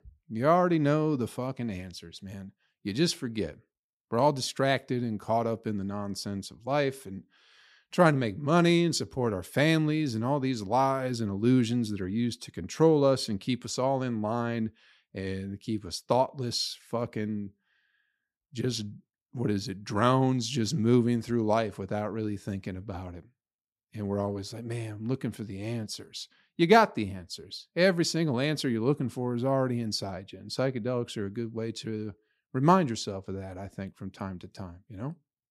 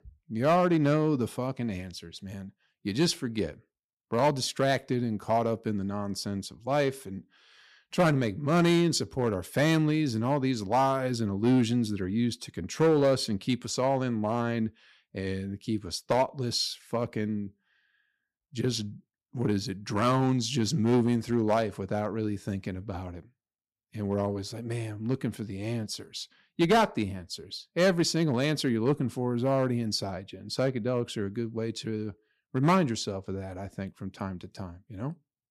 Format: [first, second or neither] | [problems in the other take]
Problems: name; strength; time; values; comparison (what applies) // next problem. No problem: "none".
first | distortion; slight; 2% of the sound clipped